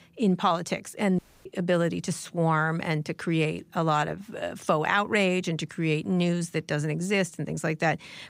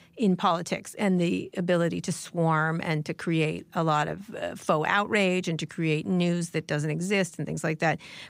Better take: second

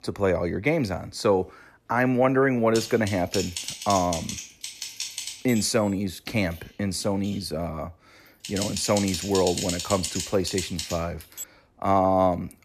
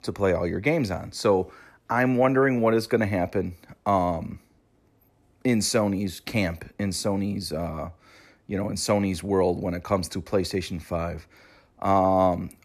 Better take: second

